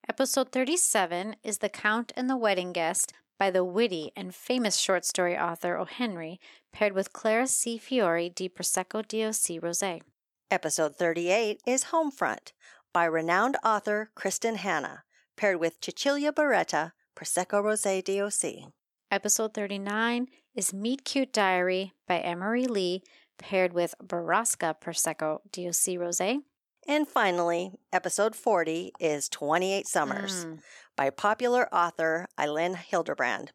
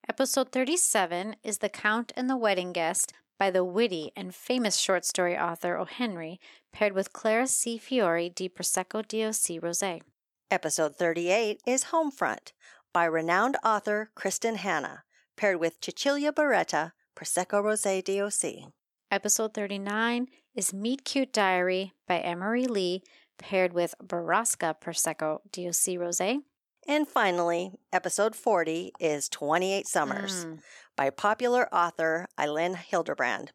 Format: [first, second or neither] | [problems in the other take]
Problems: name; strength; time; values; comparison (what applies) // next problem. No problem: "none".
neither | none